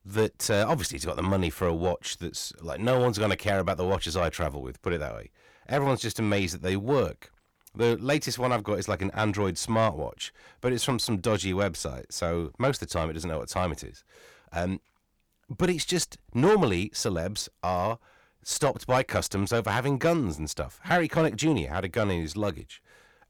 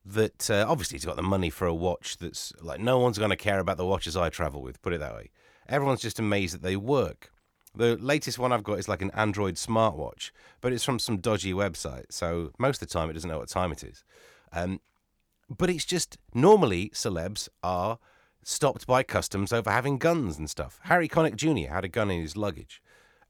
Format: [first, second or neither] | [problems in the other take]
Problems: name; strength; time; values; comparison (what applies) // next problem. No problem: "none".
second | distortion; slight; 10 dB below the speech